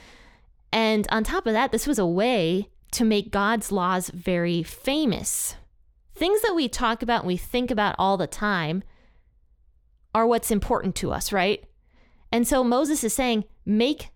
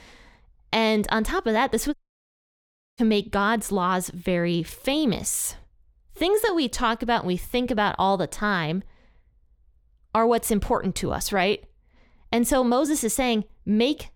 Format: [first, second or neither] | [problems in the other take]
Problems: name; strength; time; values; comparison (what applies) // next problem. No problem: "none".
first | audio cutting out; at 2 s for 1 s